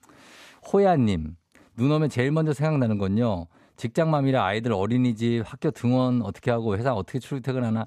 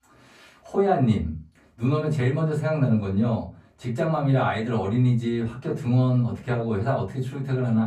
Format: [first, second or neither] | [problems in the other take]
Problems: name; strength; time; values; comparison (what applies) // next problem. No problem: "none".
first | off-mic speech; far // room echo; very slight; dies away in 0.3 s